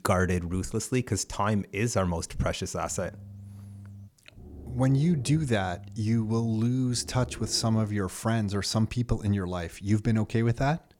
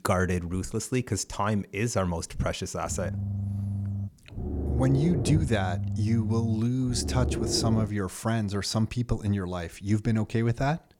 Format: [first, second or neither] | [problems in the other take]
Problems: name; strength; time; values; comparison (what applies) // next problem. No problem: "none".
first | low rumble; loud; from 3 to 8 s; 7 dB below the speech; faint in the first